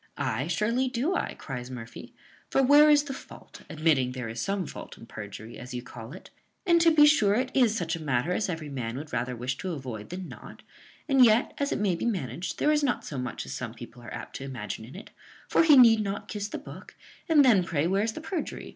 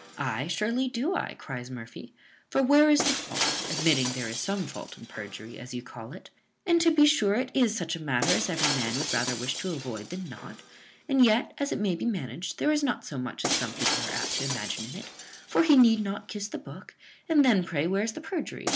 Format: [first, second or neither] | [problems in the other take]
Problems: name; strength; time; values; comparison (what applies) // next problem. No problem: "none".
first | background sound (Shatter); 8 dB below the speech